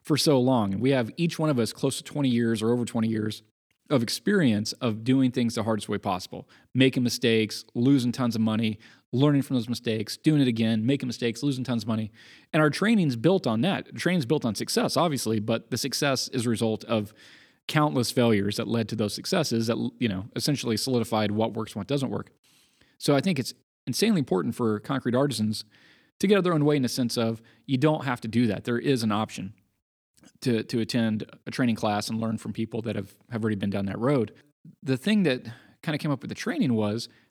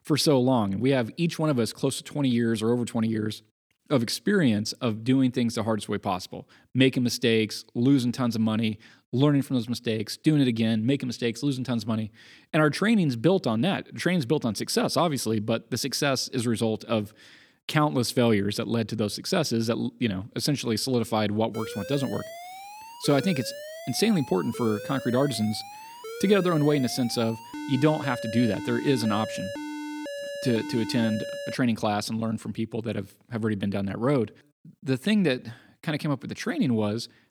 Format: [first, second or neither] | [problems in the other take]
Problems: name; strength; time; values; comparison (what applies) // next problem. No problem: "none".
first | alarm; noticeable; from 22 to 32 s; peak 9 dB below the speech